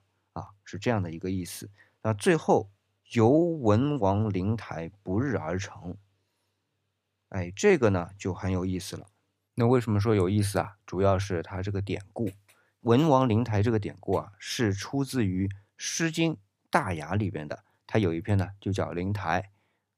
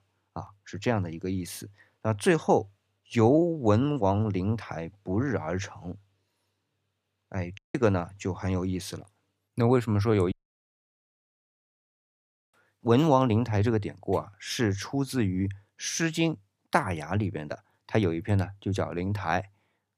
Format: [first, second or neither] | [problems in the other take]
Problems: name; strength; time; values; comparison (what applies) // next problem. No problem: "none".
first | audio cutting out; at 7.5 s and at 10 s for 2 s